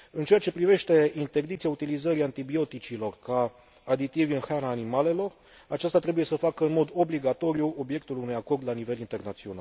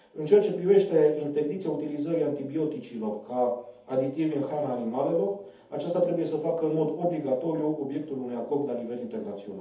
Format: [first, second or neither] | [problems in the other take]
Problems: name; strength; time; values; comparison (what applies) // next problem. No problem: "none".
first | room echo; dies away in 0.6 s